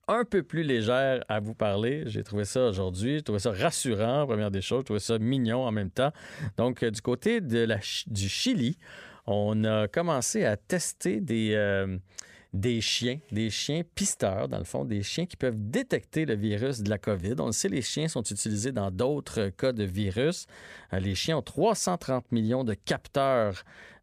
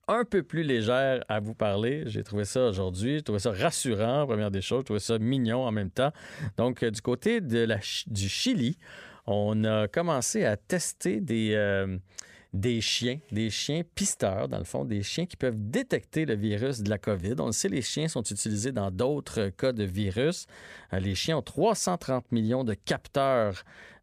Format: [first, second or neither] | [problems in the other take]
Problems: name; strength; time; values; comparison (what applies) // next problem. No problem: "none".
neither | none